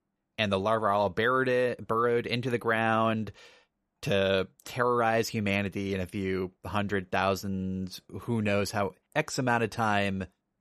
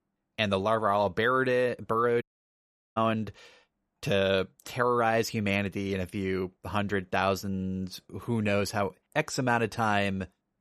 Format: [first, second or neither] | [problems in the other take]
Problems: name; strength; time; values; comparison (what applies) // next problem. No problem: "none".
first | audio cutting out; at 2 s for 0.5 s